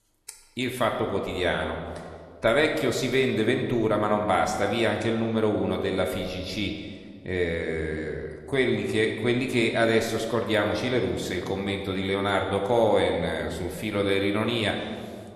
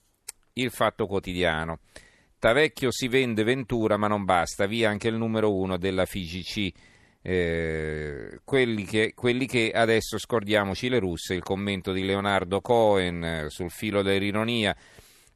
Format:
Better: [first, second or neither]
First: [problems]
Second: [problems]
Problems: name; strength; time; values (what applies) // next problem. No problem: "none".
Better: second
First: room echo; slight; dies away in 1.4 s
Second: none